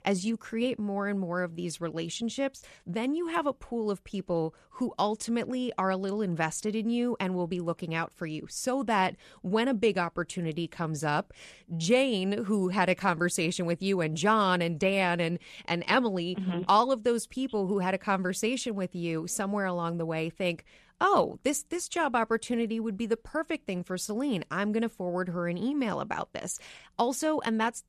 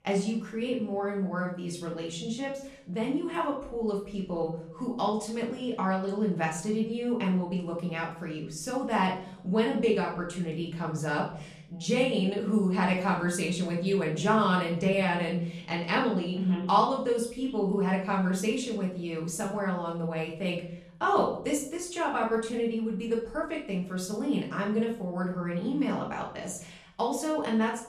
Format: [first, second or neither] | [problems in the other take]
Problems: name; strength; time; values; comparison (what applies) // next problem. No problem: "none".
first | off-mic speech; far // room echo; slight; dies away in 0.6 s